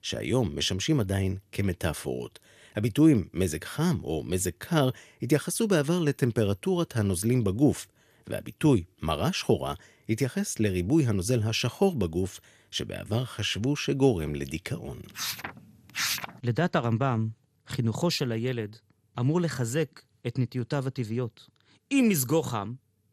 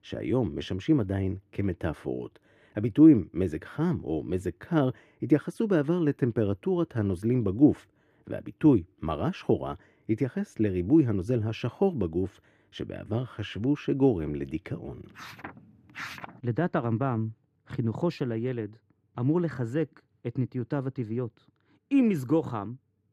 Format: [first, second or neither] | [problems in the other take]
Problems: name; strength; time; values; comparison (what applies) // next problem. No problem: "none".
first | muffled; very; fading above 3 kHz